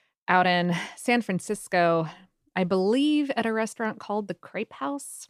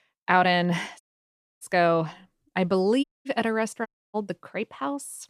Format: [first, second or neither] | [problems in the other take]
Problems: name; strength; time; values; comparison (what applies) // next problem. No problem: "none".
first | audio cutting out; at 1 s for 0.5 s, at 3 s and at 4 s